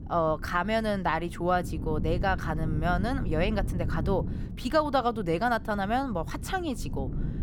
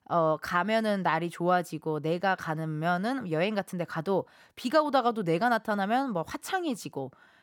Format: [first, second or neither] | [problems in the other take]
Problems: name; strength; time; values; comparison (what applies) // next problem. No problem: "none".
second | wind noise on the microphone; occasional gusts; 15 dB below the speech